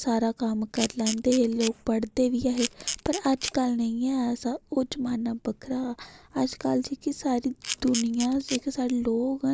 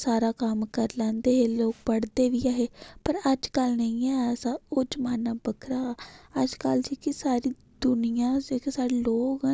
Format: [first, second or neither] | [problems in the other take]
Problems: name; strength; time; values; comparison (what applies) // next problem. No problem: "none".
second | noise reduction (neural mask model Resemble Enhance denoiser)